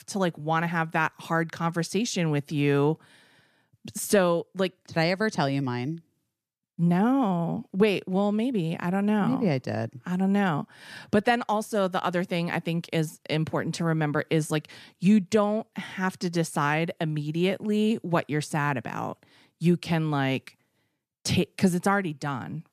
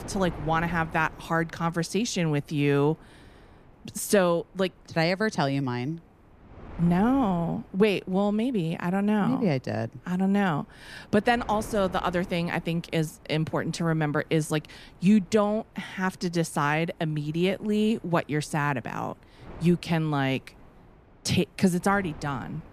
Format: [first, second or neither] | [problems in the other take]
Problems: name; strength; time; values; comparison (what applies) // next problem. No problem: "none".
first | wind noise on the microphone; occasional gusts; 25 dB below the speech